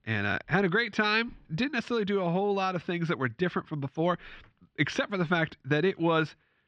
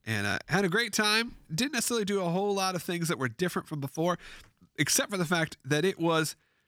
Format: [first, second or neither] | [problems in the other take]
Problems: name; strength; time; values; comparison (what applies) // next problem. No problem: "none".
second | muffled; slightly; fading above 3.5 kHz